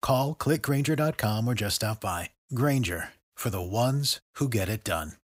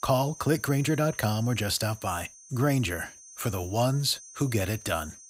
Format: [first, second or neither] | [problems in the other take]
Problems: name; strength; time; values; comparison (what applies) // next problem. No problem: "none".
first | high-pitched whine; noticeable; throughout; 6.5 kHz, 20 dB below the speech